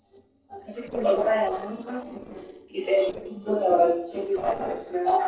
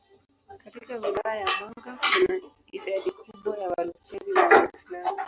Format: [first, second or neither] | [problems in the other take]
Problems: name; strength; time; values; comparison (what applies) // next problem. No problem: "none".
second | noise reduction (neural separator model SepFormer DNS4)